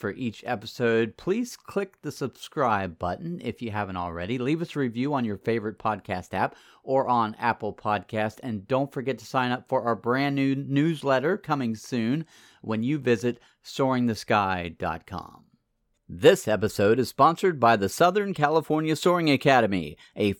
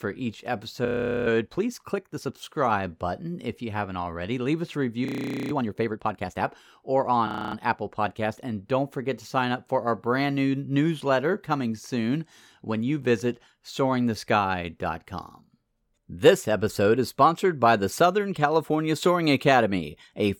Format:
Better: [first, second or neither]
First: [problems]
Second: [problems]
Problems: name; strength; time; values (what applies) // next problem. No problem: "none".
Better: first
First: none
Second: audio freezing; at 1 s, at 5 s and at 7.5 s